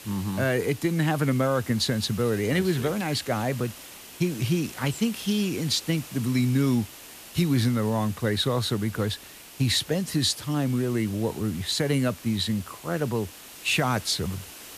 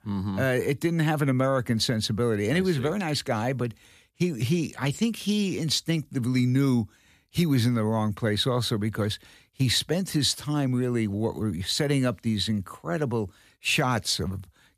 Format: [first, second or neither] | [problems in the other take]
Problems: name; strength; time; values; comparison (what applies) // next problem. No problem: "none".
second | hiss; noticeable; throughout; 15 dB below the speech